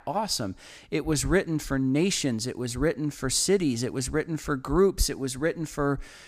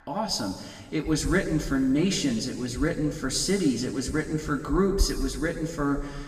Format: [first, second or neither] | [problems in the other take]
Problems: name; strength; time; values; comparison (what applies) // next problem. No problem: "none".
first | room echo; noticeable; dies away in 1.9 s // off-mic speech; somewhat distant